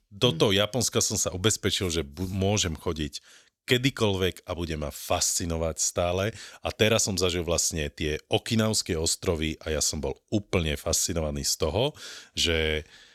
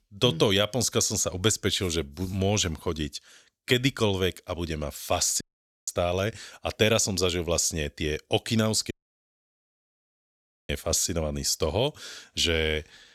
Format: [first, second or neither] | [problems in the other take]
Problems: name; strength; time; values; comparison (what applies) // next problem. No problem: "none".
first | audio cutting out; at 5.5 s and at 9 s for 2 s